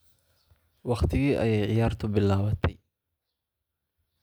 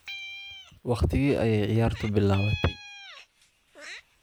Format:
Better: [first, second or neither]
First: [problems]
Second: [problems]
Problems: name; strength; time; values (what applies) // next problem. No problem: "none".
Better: first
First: none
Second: background sound (Meow); 15 dB below the speech